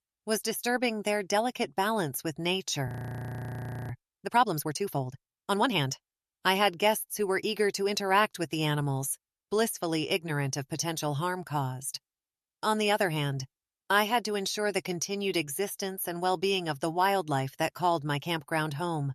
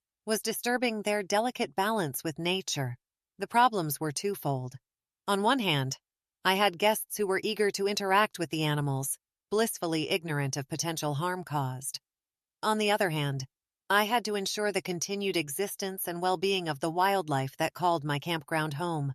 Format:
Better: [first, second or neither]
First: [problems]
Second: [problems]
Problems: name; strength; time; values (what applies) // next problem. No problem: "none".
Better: second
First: audio freezing; at 3 s for 1 s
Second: none